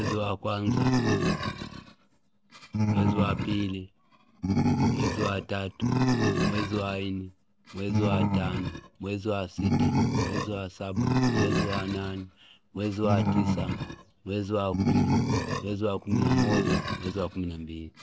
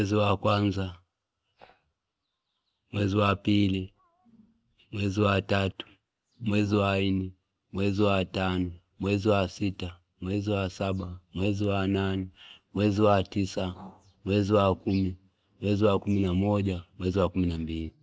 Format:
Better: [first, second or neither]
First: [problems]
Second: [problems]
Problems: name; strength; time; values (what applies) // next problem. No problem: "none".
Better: second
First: background sound (Animal); 4 dB above the speech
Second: none